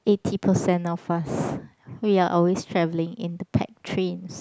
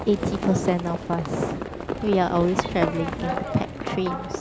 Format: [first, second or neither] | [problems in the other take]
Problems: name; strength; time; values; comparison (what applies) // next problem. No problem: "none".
first | background sound (Livestock, farm animals, working animals); 5 dB below the speech